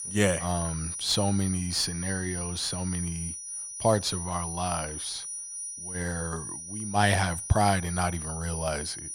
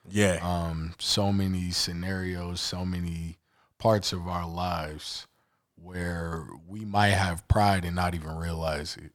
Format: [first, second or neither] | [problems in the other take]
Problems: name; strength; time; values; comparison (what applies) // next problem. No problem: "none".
second | high-pitched whine; loud; throughout; 9.5 kHz, 6 dB below the speech